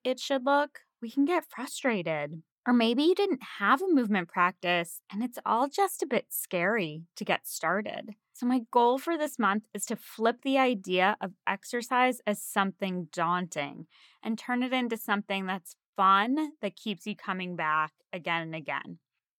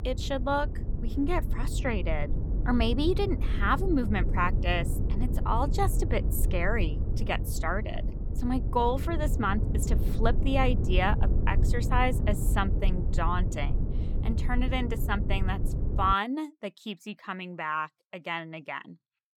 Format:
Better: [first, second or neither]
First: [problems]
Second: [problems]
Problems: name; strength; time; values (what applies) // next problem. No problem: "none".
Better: first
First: none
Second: low rumble; noticeable; until 16 s; 10 dB below the speech